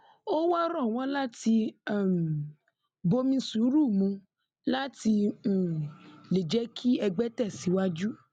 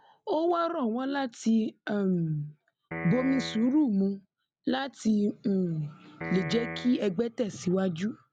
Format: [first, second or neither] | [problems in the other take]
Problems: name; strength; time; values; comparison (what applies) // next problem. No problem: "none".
first | background sound (Piano); 9 dB below the speech